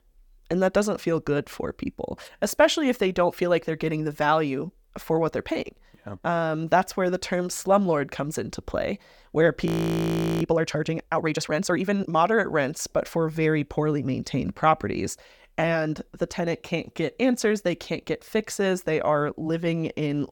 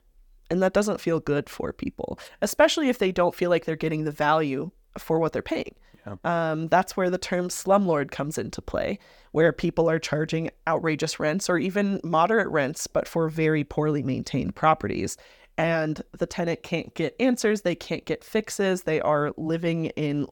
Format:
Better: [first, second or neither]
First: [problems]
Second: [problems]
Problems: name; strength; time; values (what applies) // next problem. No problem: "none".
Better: second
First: audio freezing; at 9.5 s for 1 s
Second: none